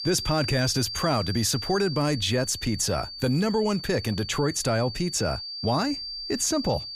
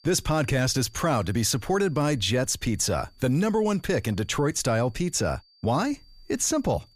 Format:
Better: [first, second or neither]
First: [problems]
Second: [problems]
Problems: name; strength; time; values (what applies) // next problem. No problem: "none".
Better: second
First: high-pitched whine; loud; throughout; 4.5 kHz, 8 dB below the speech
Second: high-pitched whine; faint; throughout; 4.5 kHz, 30 dB below the speech